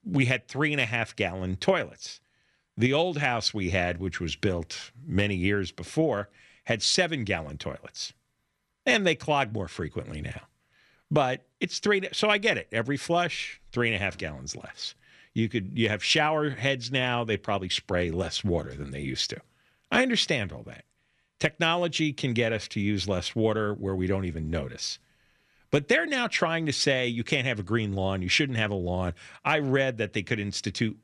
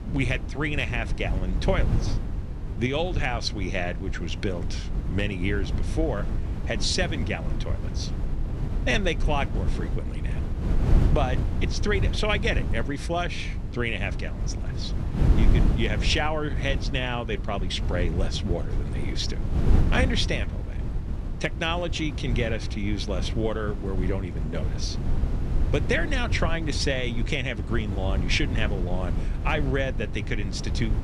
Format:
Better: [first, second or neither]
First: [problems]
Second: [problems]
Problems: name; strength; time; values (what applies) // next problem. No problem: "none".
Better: first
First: none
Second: wind noise on the microphone; occasional gusts; 10 dB below the speech